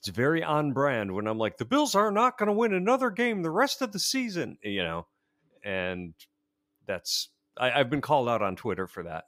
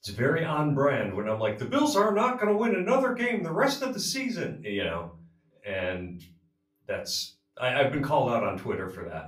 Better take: first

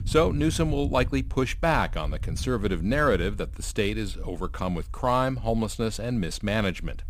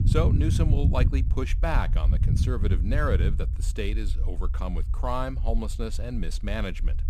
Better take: first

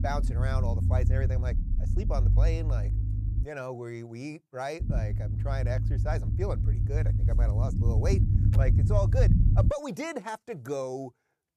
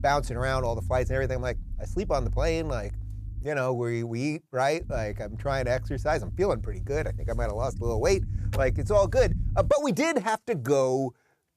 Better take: second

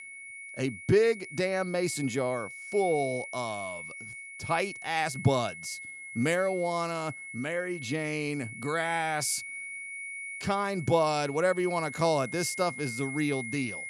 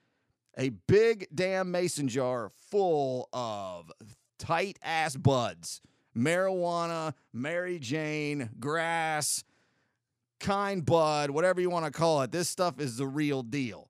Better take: second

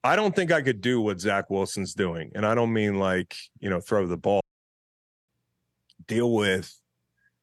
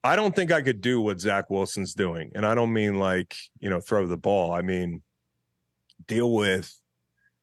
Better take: second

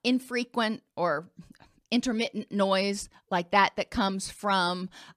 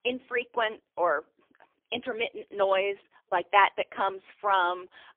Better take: first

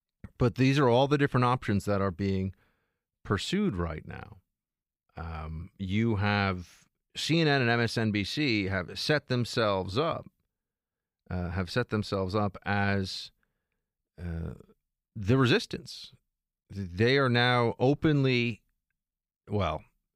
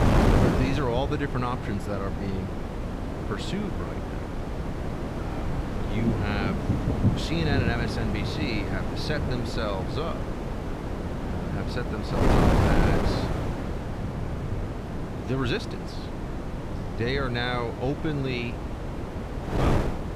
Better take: first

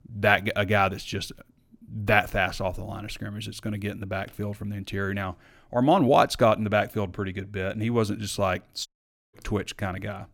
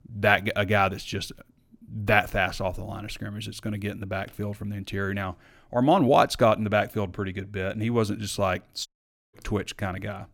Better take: neither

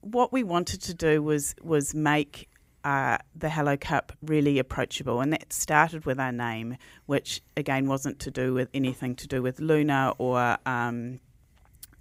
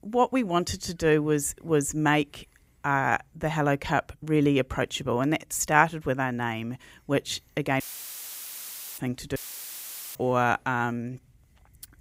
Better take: first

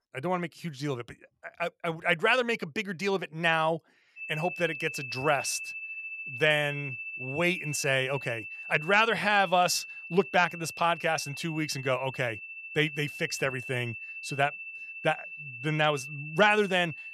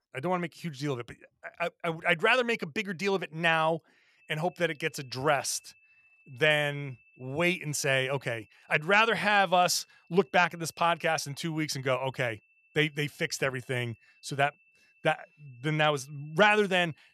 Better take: second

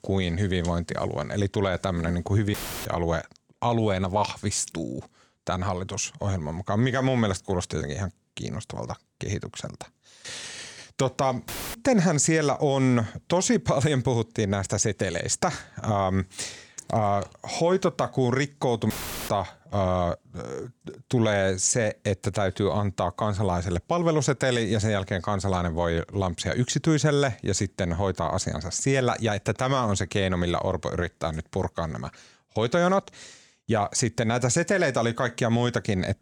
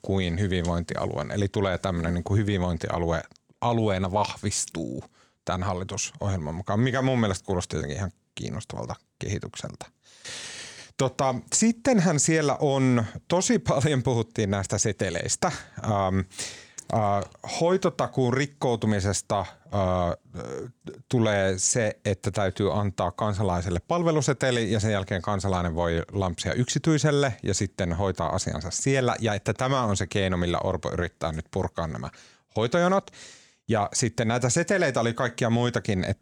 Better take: second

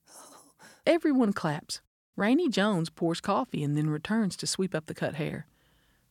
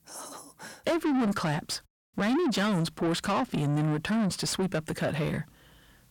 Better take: first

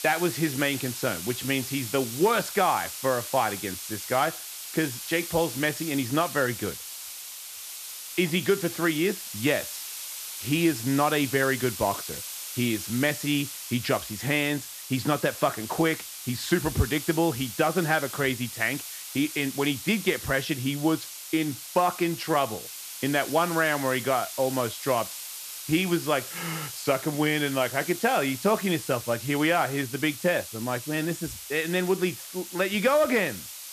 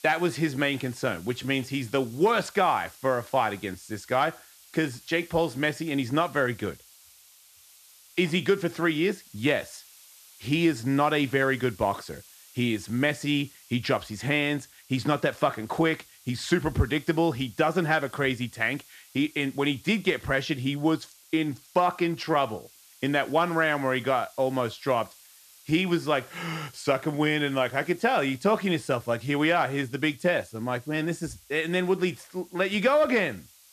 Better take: second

